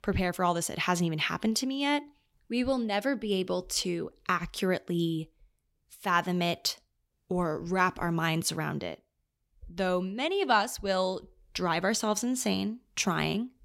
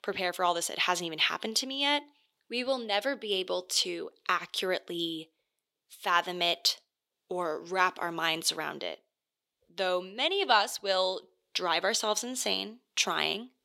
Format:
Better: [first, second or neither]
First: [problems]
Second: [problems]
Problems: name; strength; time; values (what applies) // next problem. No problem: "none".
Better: first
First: none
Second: thin; somewhat; fading below 450 Hz